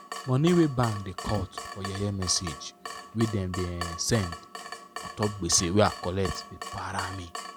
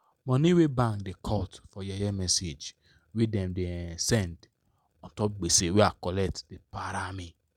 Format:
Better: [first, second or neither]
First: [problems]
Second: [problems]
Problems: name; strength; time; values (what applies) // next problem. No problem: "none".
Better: second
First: background sound (Drip / Water tap, faucet); 11 dB below the speech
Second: none